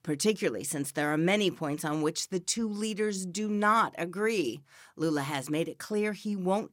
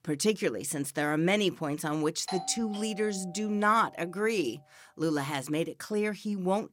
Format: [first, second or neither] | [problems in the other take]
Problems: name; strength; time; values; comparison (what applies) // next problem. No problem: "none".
first | doorbell; noticeable; from 2.5 to 3.5 s; peak 9 dB below the speech